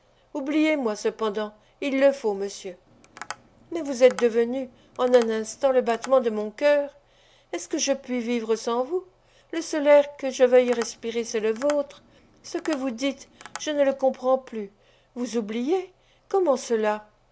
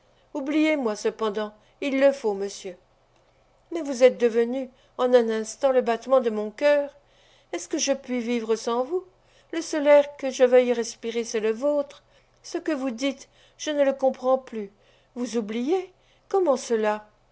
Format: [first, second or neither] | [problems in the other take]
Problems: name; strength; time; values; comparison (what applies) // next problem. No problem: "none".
second | background sound (Tap); 19 dB below the speech